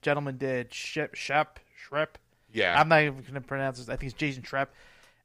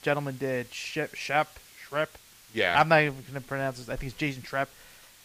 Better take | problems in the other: first | hiss; faint; throughout; 25 dB below the speech

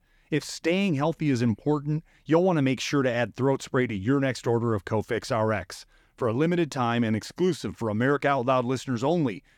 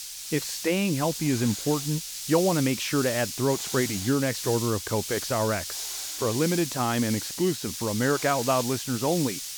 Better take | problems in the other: first | hiss; loud; throughout; 5 dB below the speech

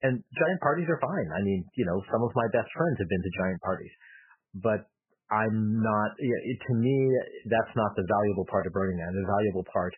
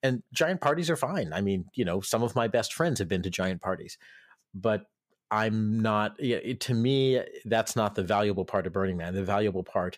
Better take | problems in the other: second | garbled, watery; badly; nothing above 3 kHz

